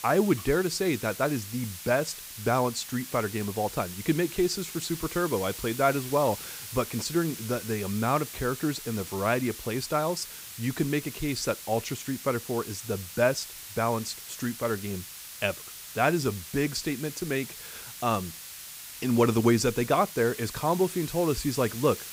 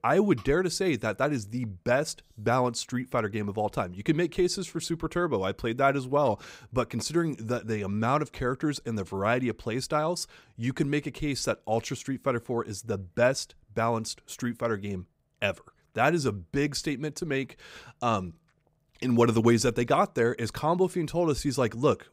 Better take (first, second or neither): second